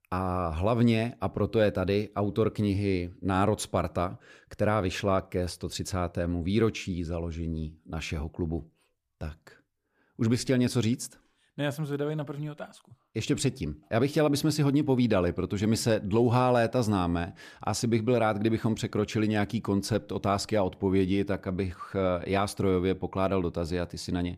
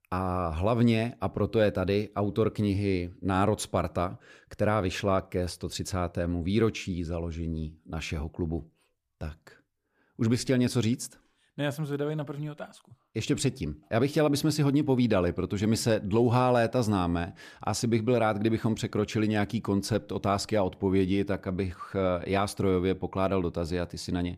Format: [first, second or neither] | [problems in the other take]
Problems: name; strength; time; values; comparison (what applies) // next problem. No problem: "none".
neither | none